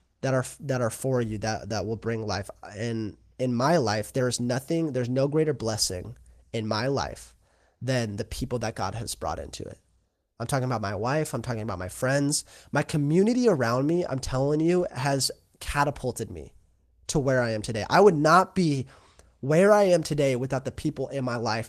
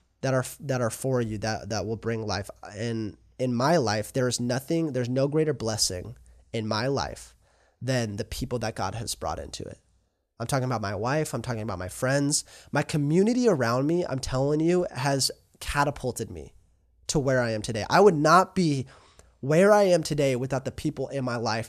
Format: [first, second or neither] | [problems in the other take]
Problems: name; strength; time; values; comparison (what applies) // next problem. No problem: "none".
second | garbled, watery; slightly; nothing above 14 kHz